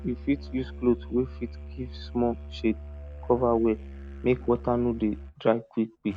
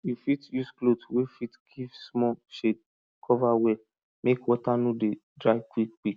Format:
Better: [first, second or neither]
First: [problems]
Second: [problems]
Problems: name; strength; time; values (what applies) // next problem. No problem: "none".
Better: second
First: background sound (Musical instrument); 12 dB below the speech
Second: none